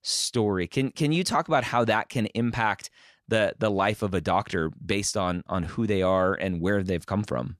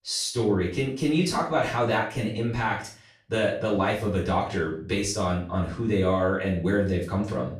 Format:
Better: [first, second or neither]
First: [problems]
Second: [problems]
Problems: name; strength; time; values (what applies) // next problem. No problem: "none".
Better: first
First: none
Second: off-mic speech; far // room echo; slight; dies away in 0.4 s